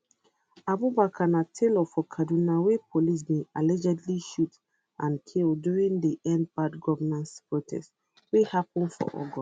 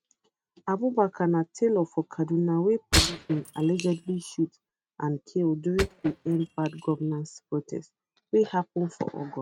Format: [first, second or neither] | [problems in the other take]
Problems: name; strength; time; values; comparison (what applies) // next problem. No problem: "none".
first | noise reduction (neural mask model RNNoise)